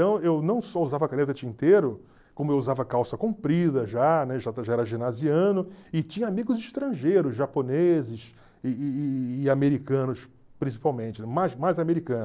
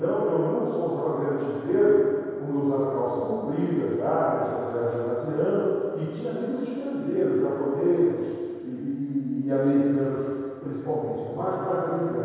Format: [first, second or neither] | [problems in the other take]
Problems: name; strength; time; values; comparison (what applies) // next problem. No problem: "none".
first | room echo; dies away in 2.2 s